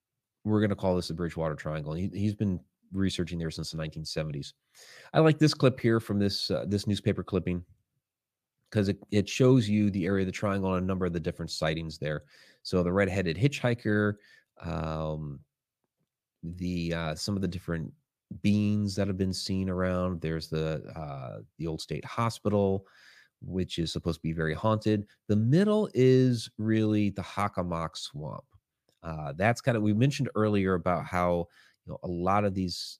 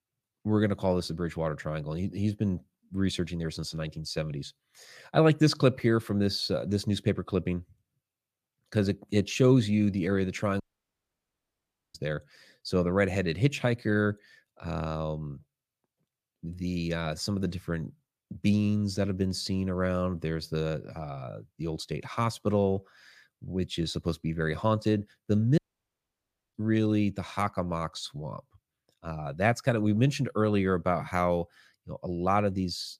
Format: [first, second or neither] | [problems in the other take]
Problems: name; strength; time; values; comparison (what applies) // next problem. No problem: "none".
first | audio cutting out; at 11 s for 1.5 s and at 26 s for 1 s